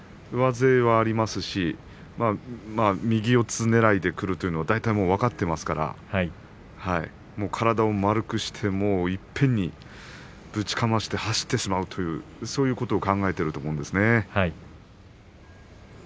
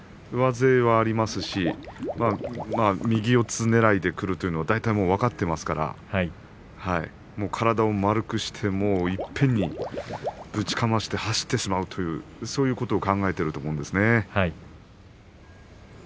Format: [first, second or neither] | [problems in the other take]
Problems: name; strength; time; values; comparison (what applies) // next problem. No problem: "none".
first | background sound (Water / Liquid); 12 dB below the speech